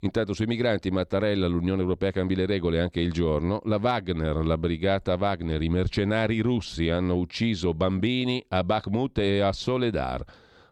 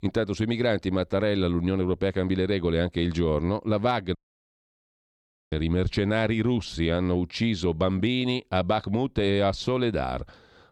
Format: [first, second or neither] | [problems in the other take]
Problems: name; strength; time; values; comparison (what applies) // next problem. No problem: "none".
first | audio cutting out; at 4 s for 1.5 s